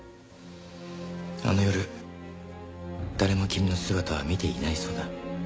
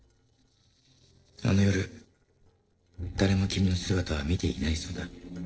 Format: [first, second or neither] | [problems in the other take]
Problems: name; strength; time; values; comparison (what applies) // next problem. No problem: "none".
first | noise reduction (neural separator model SepFormer DNS4)